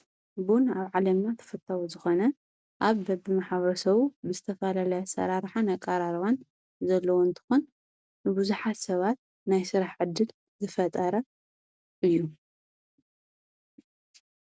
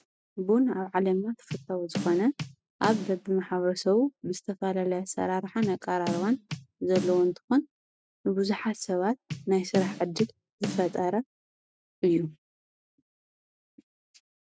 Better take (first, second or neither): first